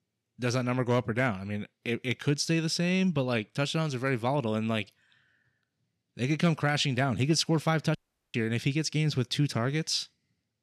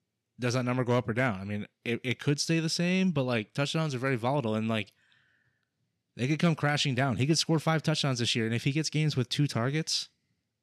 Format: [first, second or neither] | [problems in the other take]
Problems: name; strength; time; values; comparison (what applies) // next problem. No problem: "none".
second | audio cutting out; at 8 s